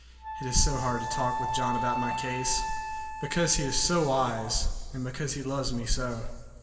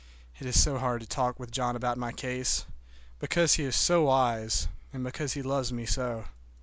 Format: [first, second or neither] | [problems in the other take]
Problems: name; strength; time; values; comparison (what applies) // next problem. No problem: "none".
second | background sound (Wind instrument, woodwind instrument); 7 dB below the speech // room echo; dies away in 2.6 s